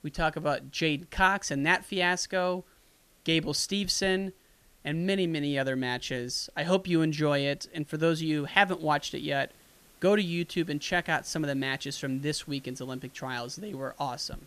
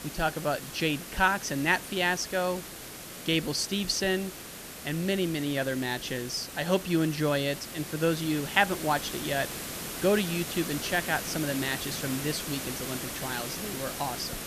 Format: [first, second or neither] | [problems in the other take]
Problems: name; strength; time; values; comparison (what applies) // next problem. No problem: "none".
first | hiss; loud; throughout; 8 dB below the speech; faint in the first